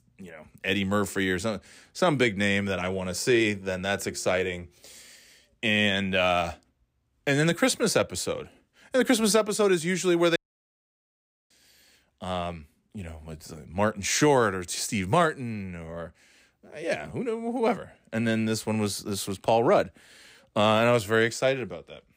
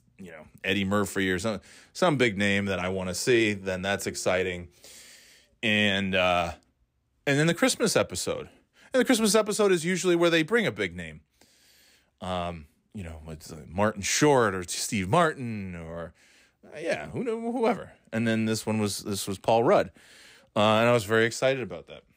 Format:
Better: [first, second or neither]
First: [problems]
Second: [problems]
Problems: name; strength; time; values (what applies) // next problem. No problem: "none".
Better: second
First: audio cutting out; at 10 s for 1 s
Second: none